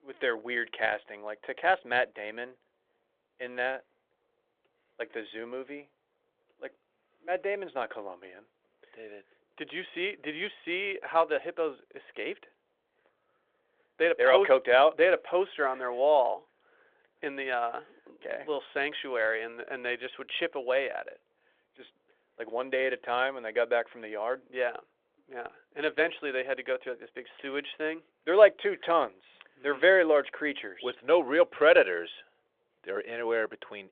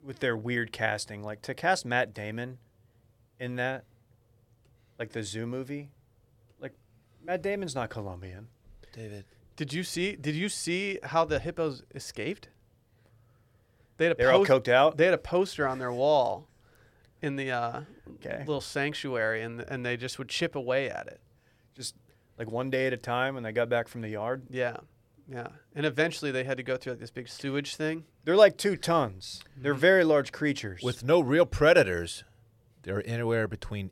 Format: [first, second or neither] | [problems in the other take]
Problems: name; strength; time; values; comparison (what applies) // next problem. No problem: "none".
second | phone-call audio; nothing above 3.5 kHz